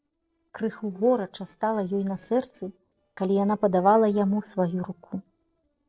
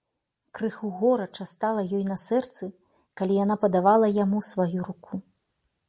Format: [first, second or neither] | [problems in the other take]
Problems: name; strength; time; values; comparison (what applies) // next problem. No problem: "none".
second | noise reduction (neural separator model SepFormer DNS4)